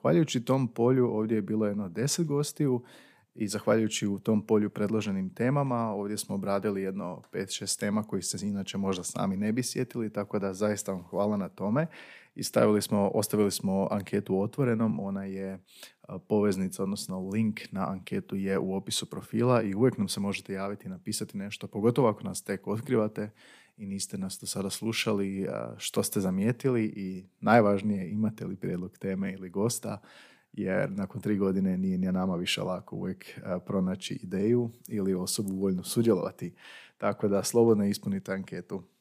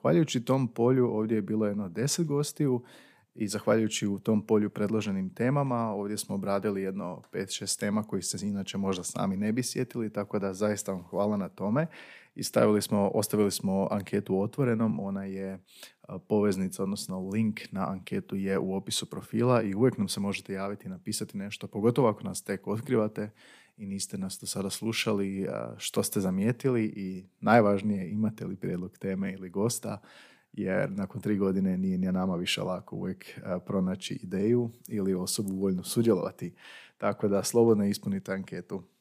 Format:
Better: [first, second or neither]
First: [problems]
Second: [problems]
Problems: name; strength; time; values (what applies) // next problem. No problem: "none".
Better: neither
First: none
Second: none